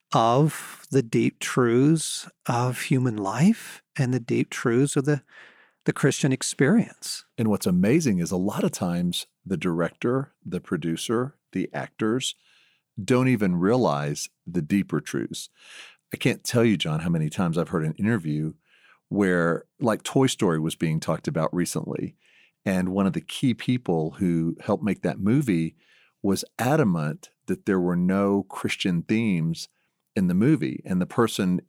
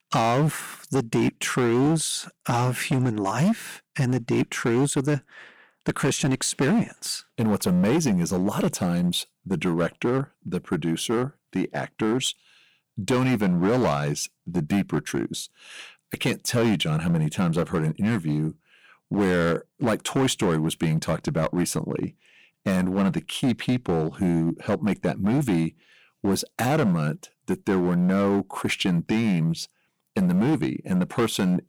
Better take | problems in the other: first | distortion; slight; 10% of the sound clipped

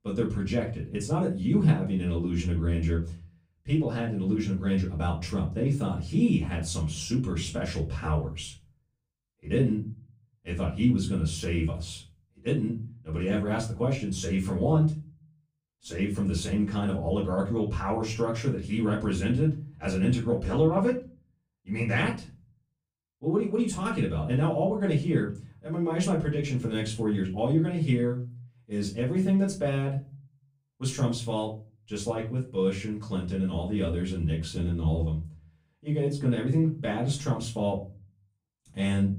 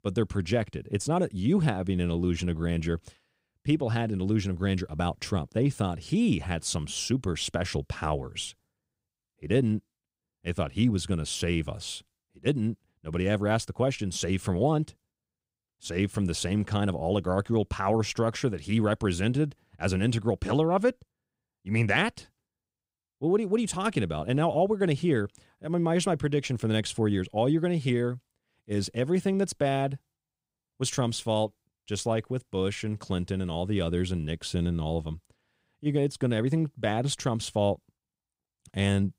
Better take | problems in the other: second | off-mic speech; far // room echo; slight; dies away in 0.4 s

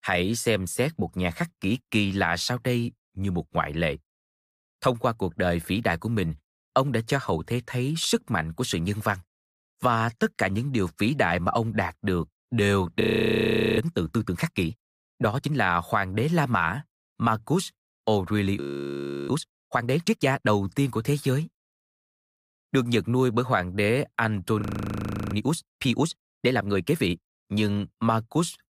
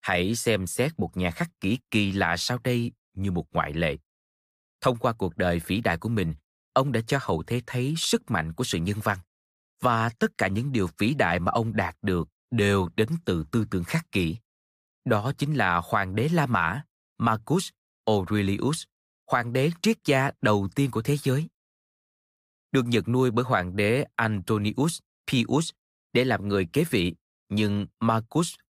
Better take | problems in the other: second | audio freezing; at 13 s for 1 s, at 19 s for 0.5 s and at 25 s for 0.5 s

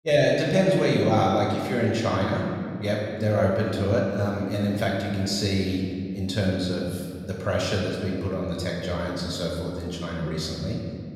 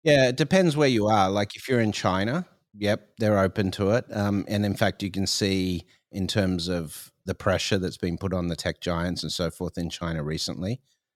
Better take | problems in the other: second | off-mic speech; far // room echo; noticeable; dies away in 2.1 s

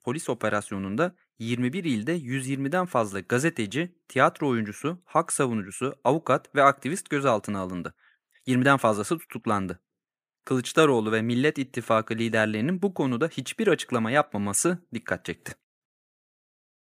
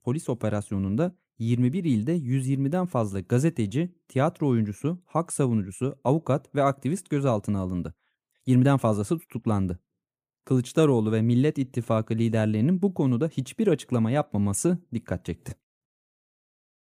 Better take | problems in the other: second | thin; somewhat; fading below 500 Hz

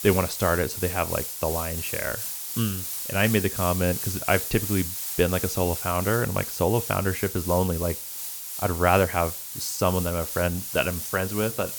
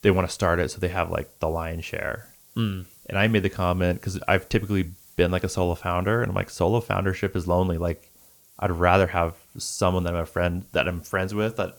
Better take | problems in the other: second | hiss; loud; throughout; 4 dB below the speech; faint in the second

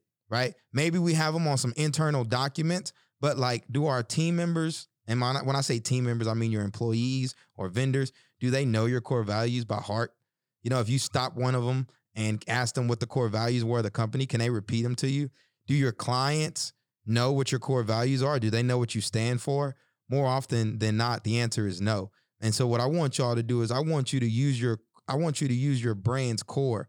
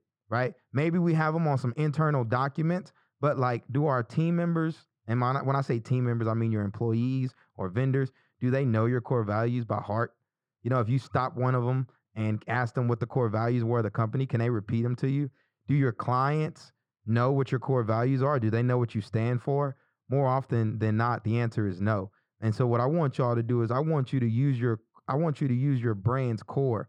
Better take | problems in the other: first | muffled; very; fading above 3.5 kHz

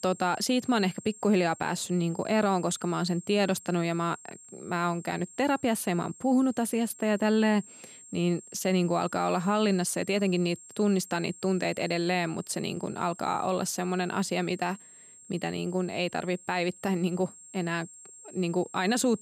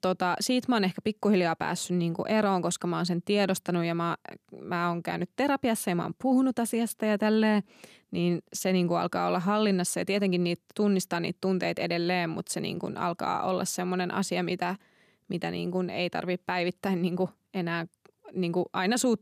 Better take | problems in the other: second | high-pitched whine; noticeable; throughout; 7.5 kHz, 20 dB below the speech

